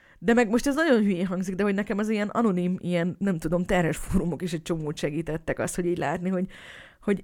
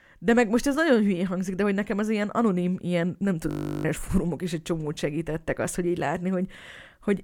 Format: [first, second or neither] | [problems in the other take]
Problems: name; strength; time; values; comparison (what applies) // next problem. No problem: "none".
first | audio freezing; at 3.5 s